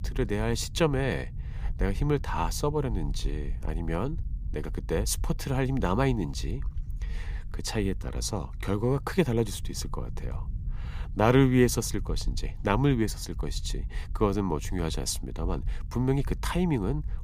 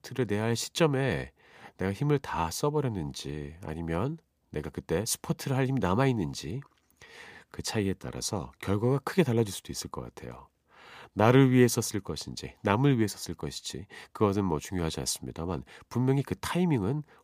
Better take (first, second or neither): second